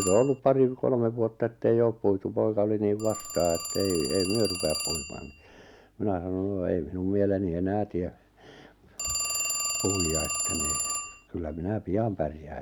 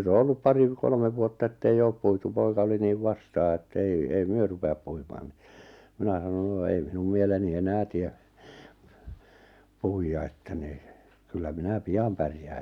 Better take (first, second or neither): second